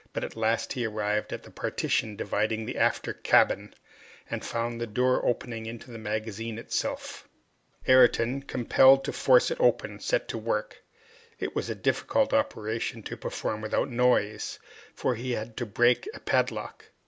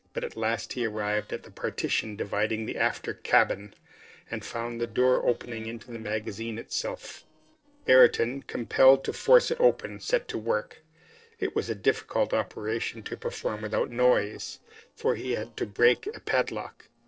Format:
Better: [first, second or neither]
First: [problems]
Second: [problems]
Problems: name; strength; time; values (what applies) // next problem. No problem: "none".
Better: first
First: none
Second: noise reduction (neural separator model SepFormer DNS4)